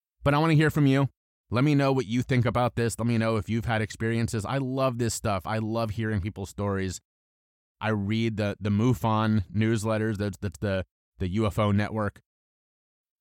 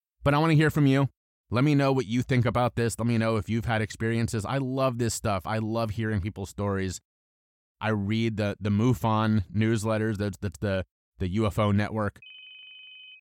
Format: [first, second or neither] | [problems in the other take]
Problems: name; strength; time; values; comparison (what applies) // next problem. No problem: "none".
first | phone ringing; faint; at 12 s; peak 20 dB below the speech